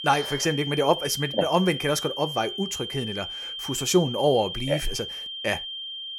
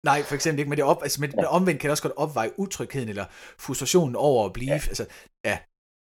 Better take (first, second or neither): second